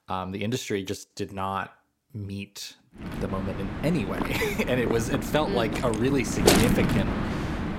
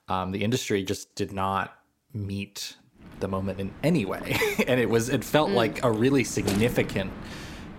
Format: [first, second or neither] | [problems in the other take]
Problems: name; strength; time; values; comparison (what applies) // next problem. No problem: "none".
second | wind noise on the microphone; heavy; from 3 s on; as loud as the speech; occasional gusts in the second